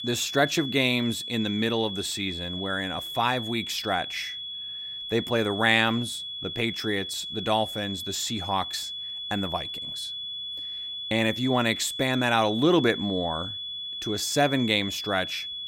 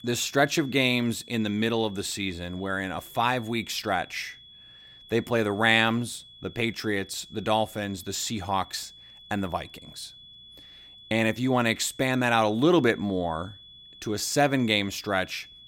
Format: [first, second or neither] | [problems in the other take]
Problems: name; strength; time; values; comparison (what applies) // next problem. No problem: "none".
second | high-pitched whine; loud; throughout; 3.5 kHz, 6 dB below the speech; faint in the second